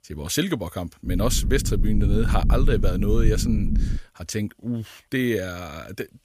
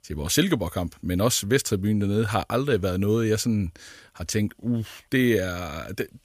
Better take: second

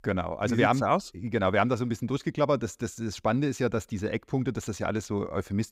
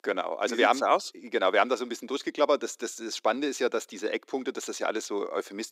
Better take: first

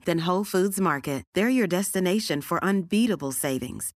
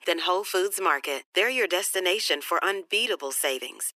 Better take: first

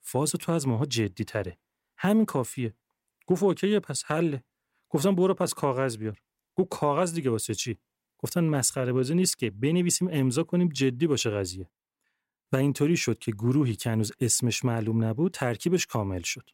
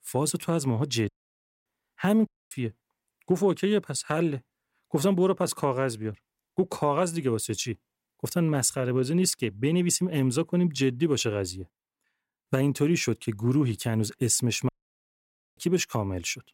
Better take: first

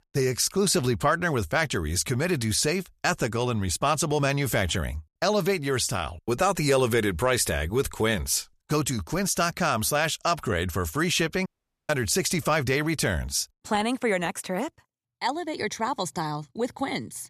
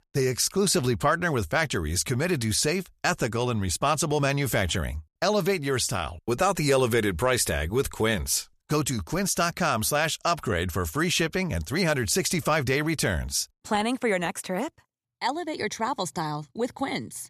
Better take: second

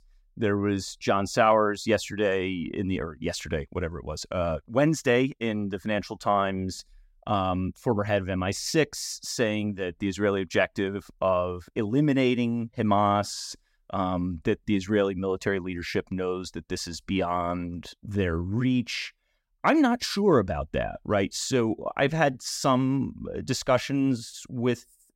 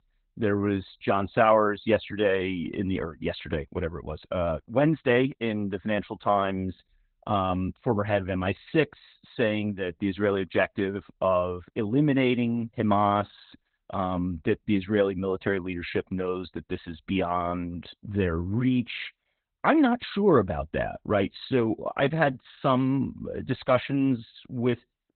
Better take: first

